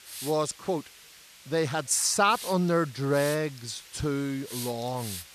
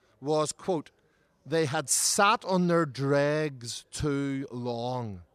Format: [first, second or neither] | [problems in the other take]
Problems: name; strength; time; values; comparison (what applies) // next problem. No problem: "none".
second | hiss; noticeable; throughout; 15 dB below the speech